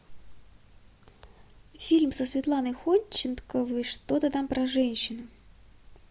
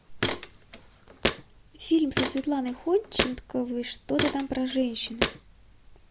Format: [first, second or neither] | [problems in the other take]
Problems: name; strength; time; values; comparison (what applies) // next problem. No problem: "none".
first | background sound (Walk, footsteps); 3 dB below the speech